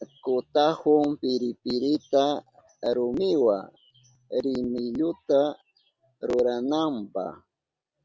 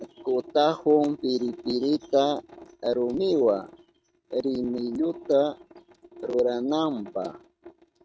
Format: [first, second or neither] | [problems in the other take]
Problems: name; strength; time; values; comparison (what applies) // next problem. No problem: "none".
first | noise reduction (neural mask model RNNoise)